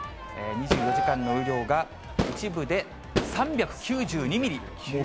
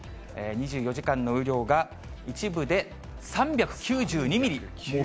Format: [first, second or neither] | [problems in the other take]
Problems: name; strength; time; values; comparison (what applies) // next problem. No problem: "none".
second | background sound (Crowd / Fireworks); 3 dB below the speech